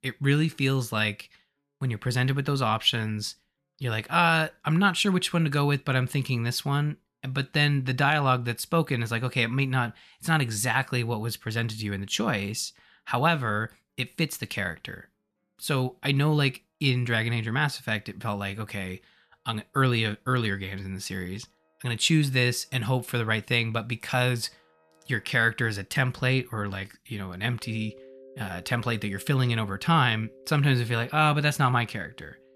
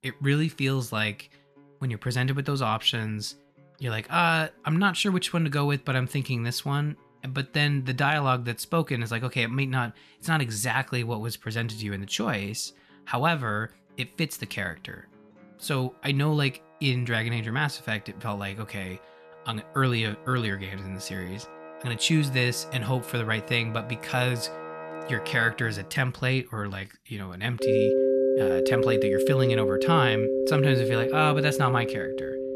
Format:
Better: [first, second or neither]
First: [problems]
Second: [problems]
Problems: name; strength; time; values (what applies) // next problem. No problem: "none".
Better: first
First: background music; faint; throughout; 25 dB below the speech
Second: background music; loud; throughout; as loud as the speech